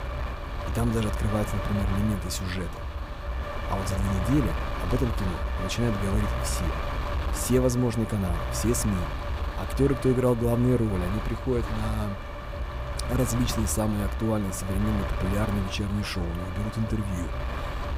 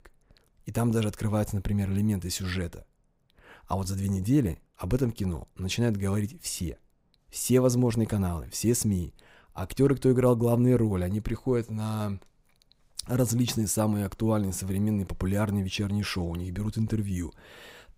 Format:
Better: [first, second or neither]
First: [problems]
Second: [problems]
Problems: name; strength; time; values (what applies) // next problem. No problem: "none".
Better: second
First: wind noise on the microphone; heavy; 3 dB below the speech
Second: none